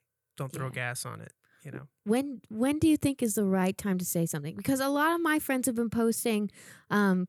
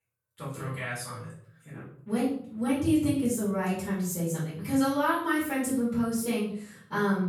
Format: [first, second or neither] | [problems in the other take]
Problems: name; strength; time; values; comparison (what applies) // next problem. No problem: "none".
first | off-mic speech; far // room echo; noticeable; dies away in 0.5 s